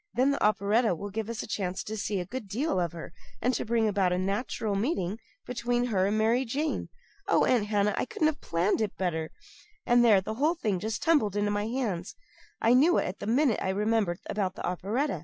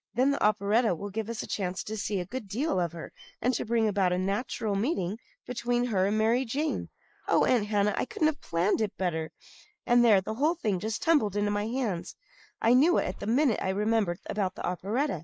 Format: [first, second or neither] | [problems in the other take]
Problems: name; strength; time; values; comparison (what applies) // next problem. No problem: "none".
first | noise reduction (neural mask model Resemble Enhance denoiser)